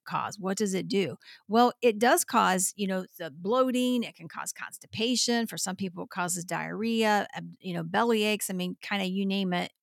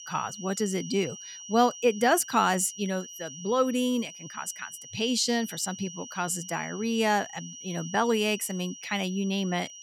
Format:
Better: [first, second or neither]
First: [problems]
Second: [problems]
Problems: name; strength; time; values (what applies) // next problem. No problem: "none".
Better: first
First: none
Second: high-pitched whine; noticeable; throughout; 6 kHz, 15 dB below the speech